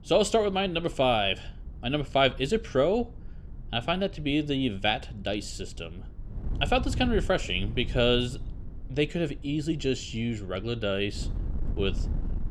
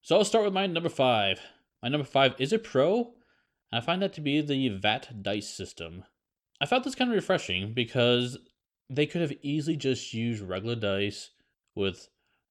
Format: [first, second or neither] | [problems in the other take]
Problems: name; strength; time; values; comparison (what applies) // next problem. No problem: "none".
second | wind noise on the microphone; occasional gusts; 25 dB below the speech